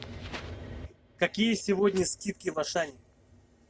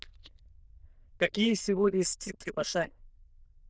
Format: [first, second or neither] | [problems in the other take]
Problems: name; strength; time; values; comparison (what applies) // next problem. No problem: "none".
first | noise reduction (neural diffusion model UNIVERSE++)